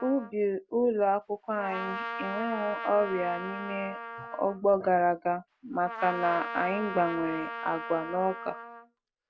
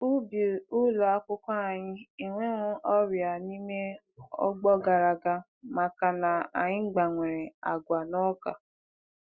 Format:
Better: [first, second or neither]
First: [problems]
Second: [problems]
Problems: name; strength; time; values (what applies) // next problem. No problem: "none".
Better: second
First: background sound (Trumpet); 9 dB below the speech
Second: none